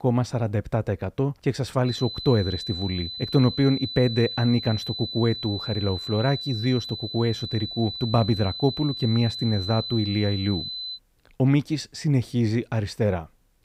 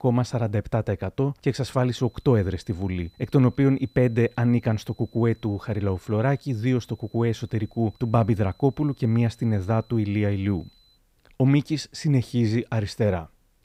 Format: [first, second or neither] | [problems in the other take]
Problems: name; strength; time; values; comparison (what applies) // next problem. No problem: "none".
second | high-pitched whine; loud; from 2 to 11 s; 4 kHz, 7 dB below the speech; faint in the second